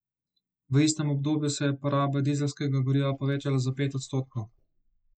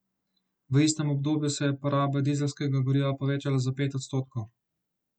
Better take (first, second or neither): second